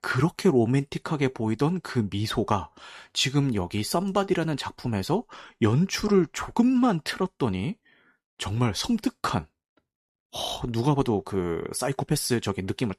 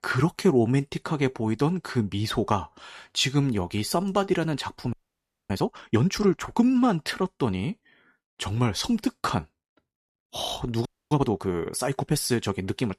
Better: first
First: none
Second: audio freezing; at 5 s for 0.5 s and at 11 s

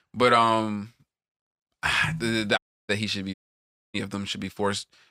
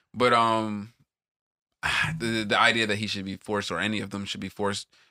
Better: second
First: audio cutting out; at 2.5 s and at 3.5 s for 0.5 s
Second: none

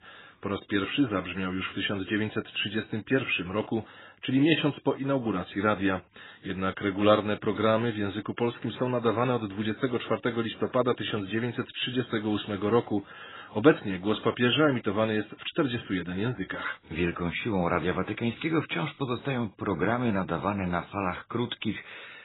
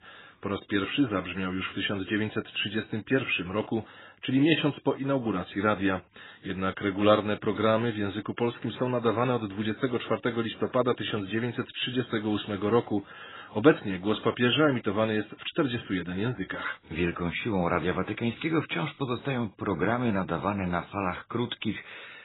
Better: neither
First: garbled, watery; badly; nothing above 4 kHz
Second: garbled, watery; badly; nothing above 4 kHz

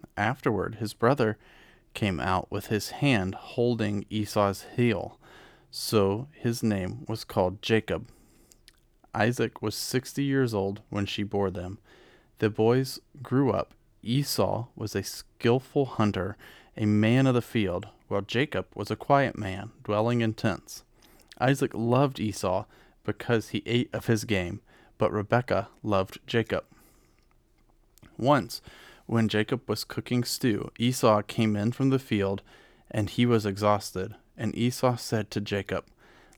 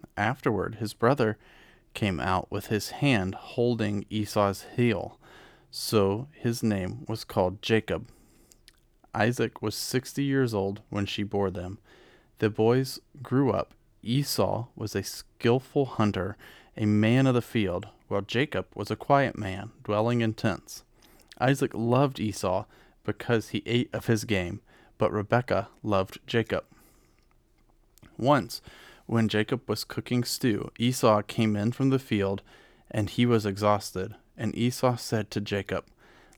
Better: neither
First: none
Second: none

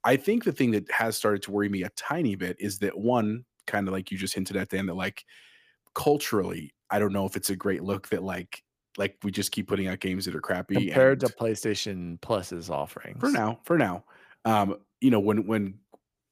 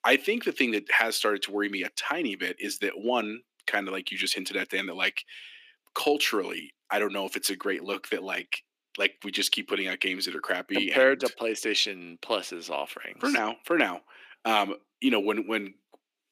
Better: first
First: none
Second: thin; very slightly; fading below 300 Hz

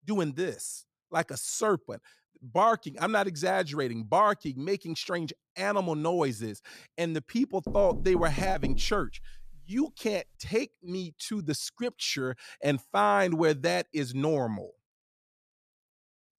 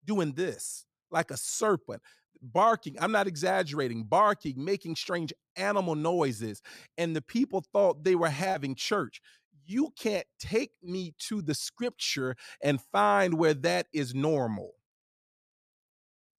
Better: second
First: door banging; noticeable; from 7.5 to 9.5 s; peak 7 dB below the speech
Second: none

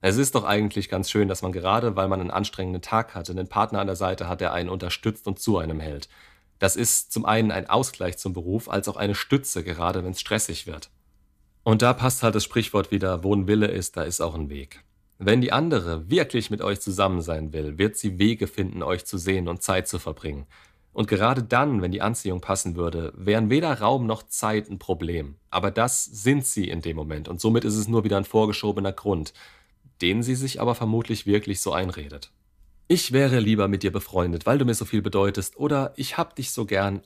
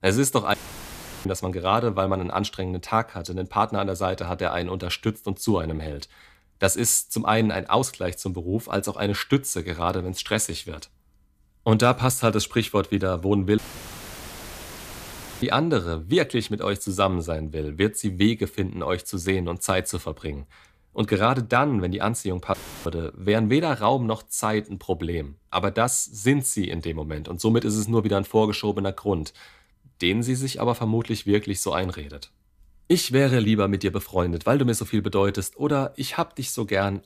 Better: first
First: none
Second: audio cutting out; filled with static; at 0.5 s for 0.5 s, at 14 s for 2 s and at 23 s

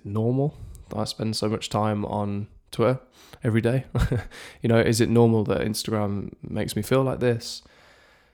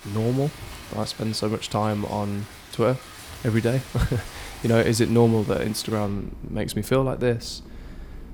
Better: first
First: none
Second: rain or running water; noticeable; throughout; 15 dB below the speech

